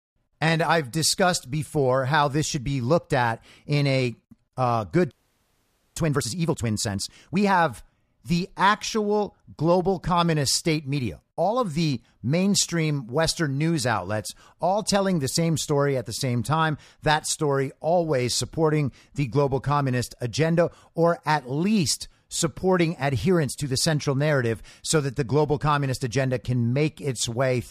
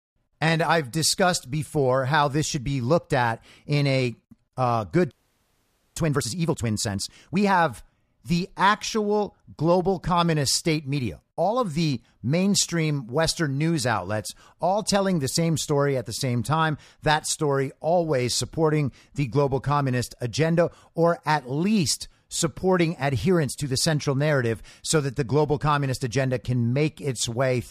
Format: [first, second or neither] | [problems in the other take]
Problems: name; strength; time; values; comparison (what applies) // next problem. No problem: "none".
neither | audio freezing; at 5 s for 1 s; the same in both